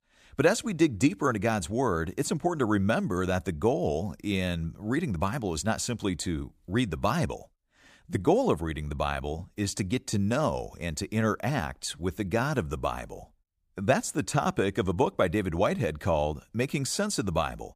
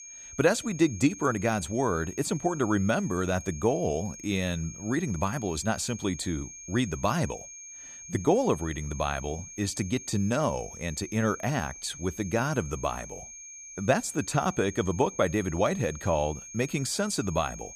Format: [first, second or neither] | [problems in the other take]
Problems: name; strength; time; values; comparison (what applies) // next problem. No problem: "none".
first | high-pitched whine; noticeable; throughout; 6.5 kHz, 15 dB below the speech